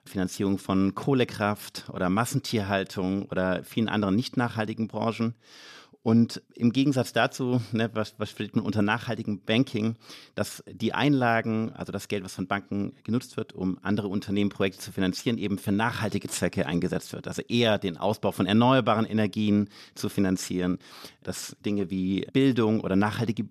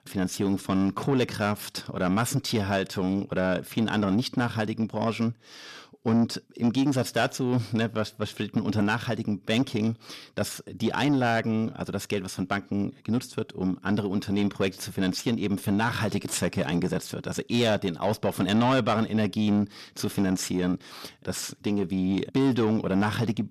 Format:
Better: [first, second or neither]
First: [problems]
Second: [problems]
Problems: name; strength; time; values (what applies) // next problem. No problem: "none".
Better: first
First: none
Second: distortion; slight; 10 dB below the speech